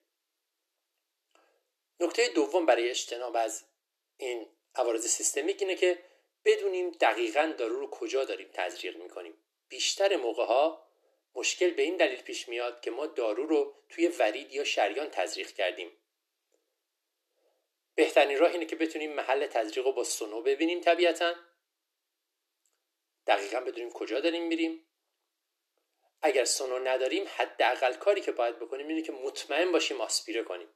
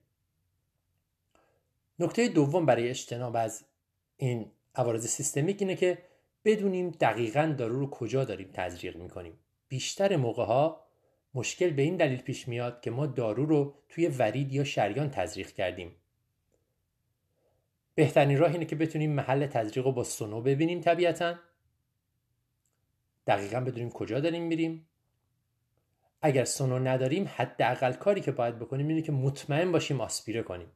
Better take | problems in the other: second | thin; very; fading below 350 Hz

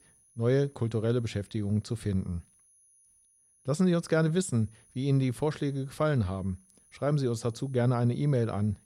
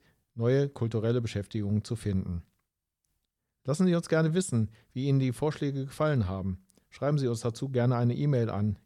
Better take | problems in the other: second | high-pitched whine; faint; throughout; 10.5 kHz, 30 dB below the speech

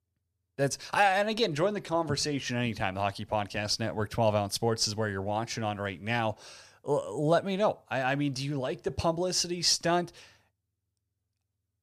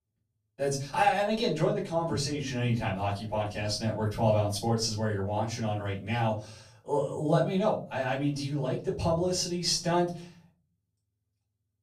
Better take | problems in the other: first | room echo; slight; dies away in 0.4 s // off-mic speech; far

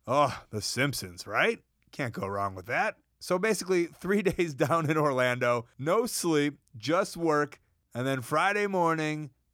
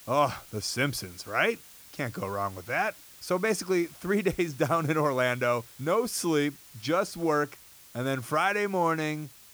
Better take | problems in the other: first | hiss; noticeable; throughout; 20 dB below the speech

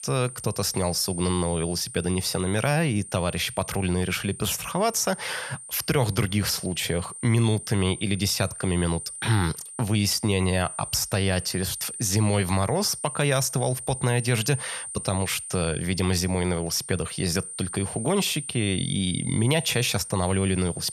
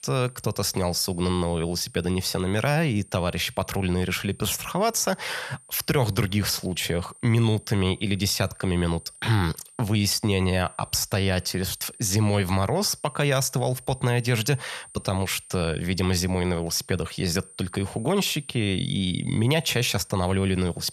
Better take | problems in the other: second | high-pitched whine; loud; throughout; 9 kHz, 10 dB below the speech; faint in the second

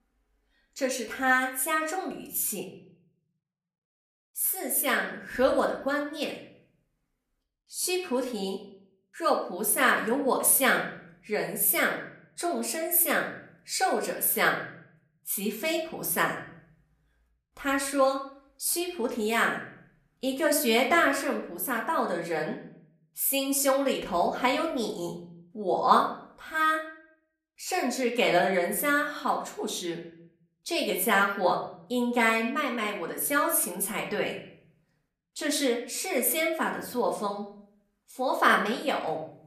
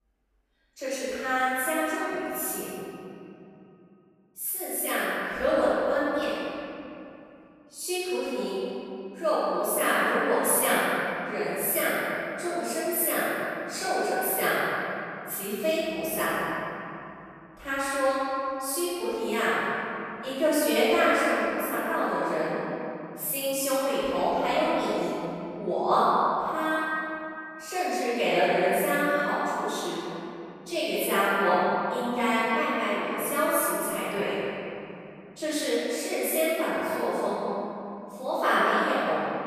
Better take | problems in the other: first | room echo; strong; dies away in 3 s; slight in the first // off-mic speech; far; somewhat distant in the first

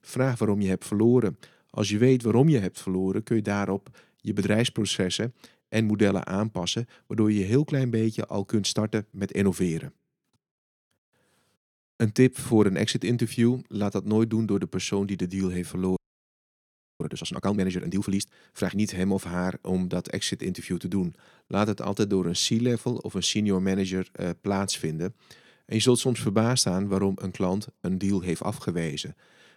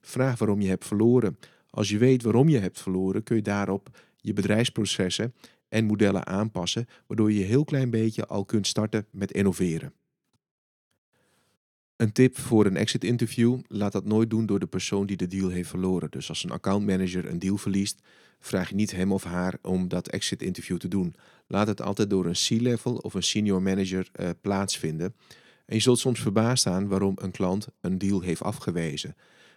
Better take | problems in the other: second | audio freezing; at 16 s for 1 s

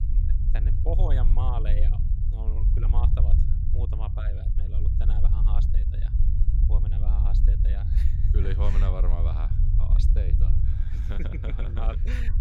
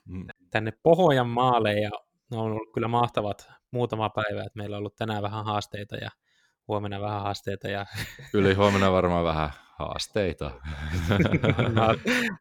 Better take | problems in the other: second | low rumble; loud; throughout; 3 dB below the speech

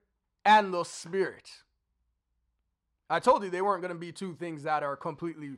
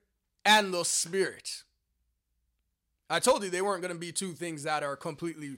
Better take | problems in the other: second | muffled; slightly; fading above 1.5 kHz

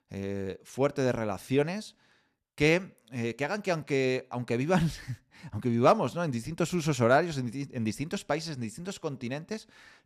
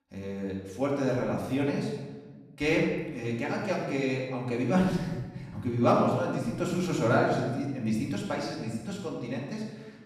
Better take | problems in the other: first | off-mic speech; far // room echo; noticeable; dies away in 1.1 s

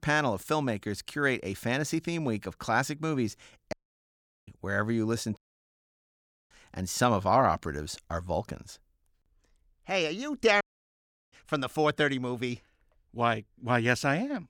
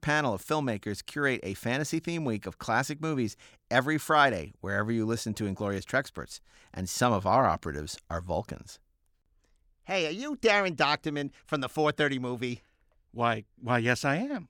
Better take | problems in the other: second | audio cutting out; at 3.5 s for 0.5 s, at 5.5 s for 1 s and at 11 s for 0.5 s

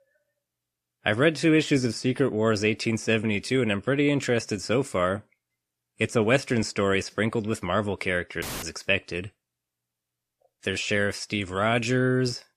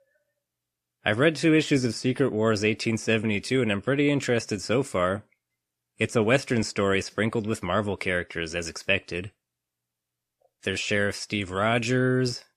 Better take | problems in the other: second | audio cutting out; filled with static; at 8.5 s

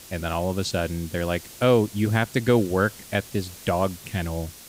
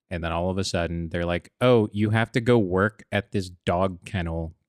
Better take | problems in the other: second | hiss; noticeable; throughout; 15 dB below the speech

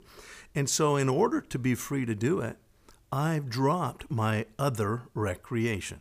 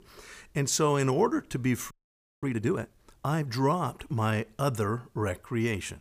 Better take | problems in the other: first | audio freezing; at 2 s for 0.5 s

